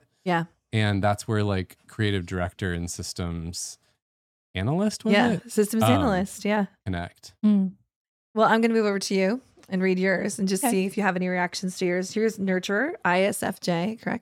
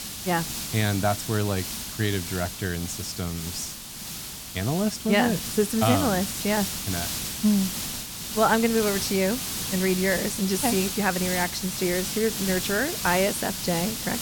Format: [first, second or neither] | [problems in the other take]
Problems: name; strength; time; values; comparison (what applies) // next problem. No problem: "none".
first | hiss; loud; throughout; 4 dB below the speech